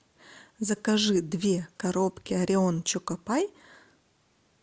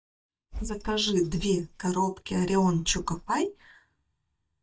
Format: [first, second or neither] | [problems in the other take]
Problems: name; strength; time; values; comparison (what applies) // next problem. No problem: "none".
first | noise reduction (neural mask model DeepFilterNet 3)